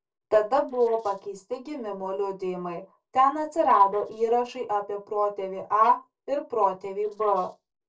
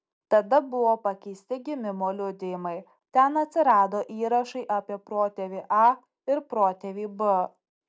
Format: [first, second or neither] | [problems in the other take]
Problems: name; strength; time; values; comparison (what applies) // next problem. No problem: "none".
second | noise reduction (neural separator model SepFormer DNS4)